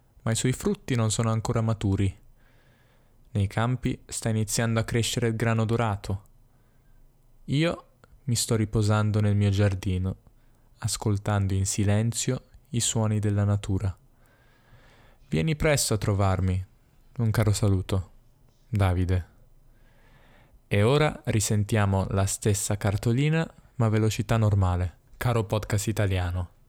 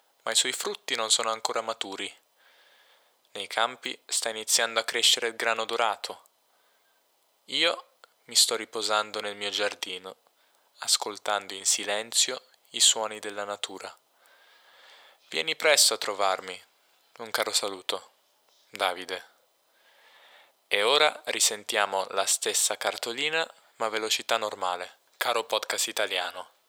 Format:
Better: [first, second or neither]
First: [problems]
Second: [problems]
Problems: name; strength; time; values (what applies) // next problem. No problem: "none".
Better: first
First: none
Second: thin; very; fading below 550 Hz